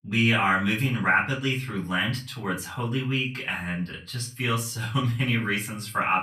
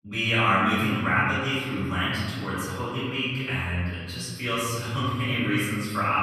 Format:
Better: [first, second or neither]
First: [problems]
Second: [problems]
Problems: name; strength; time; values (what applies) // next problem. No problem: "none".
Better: first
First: room echo; slight; dies away in 0.3 s // off-mic speech; far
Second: room echo; strong; dies away in 1.8 s // off-mic speech; far